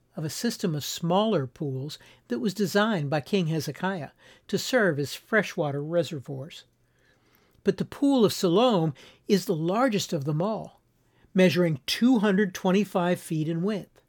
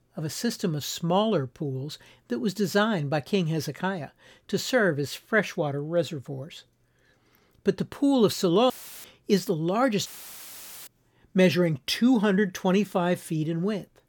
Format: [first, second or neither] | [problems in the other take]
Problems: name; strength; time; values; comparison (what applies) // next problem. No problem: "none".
first | audio cutting out; filled with static; at 8.5 s and at 10 s for 1 s